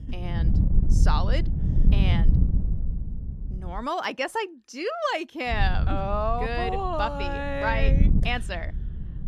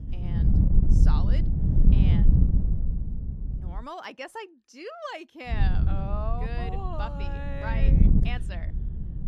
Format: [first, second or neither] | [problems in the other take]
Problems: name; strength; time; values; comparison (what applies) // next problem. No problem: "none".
first | wind noise on the microphone; heavy; until 4 s and from 5.5 s on; 2 dB below the speech; occasional gusts in the first